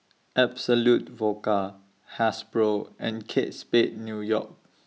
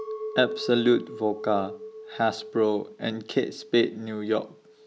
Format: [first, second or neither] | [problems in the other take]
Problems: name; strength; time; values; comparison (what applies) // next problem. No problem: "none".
first | background sound (Chink, clink); 13 dB below the speech